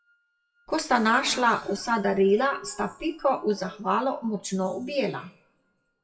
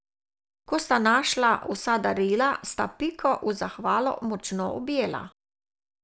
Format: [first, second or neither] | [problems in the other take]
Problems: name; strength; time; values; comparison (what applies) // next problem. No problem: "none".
second | noise reduction (classical method WPE with log-MMSE)